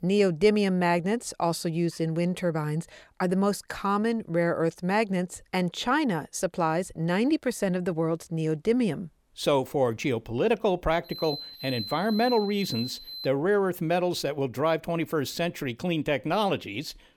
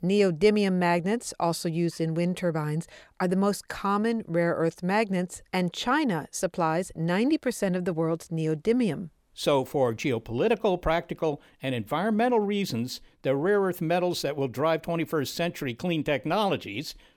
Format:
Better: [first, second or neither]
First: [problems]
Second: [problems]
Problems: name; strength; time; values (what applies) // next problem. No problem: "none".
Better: second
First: alarm; noticeable; from 11 to 13 s; peak 8 dB below the speech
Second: none